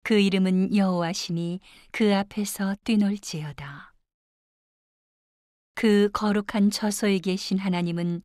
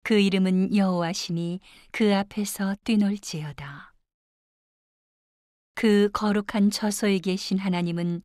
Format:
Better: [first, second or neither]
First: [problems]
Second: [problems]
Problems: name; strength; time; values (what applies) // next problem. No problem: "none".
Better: neither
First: none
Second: none